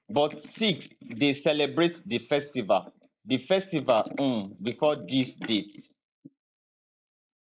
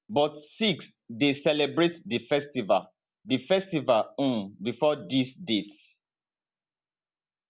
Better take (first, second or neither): second